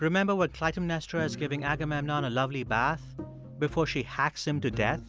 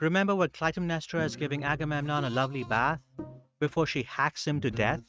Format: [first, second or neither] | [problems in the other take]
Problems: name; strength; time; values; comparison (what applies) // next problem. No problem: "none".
first | noise reduction (neural mask model RNNoise)